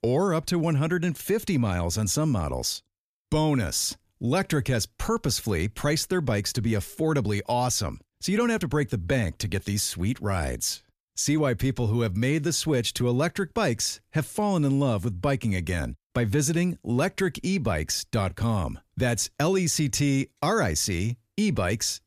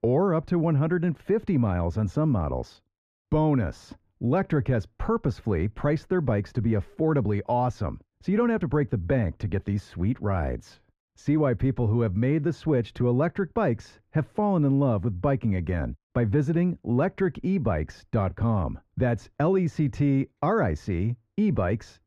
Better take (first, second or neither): first